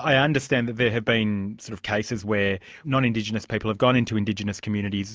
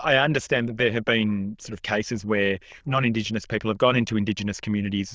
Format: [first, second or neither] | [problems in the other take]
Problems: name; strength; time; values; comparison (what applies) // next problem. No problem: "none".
first | noise reduction (neural diffusion model UNIVERSE++)